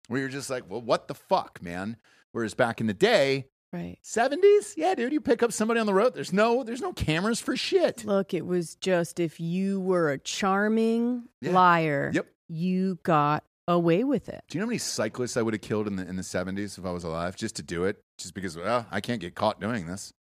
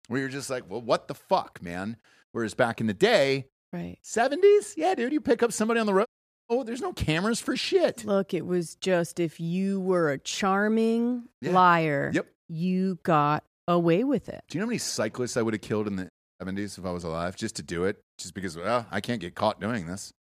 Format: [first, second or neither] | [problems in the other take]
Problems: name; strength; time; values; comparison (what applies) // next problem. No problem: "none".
first | audio cutting out; at 6 s and at 16 s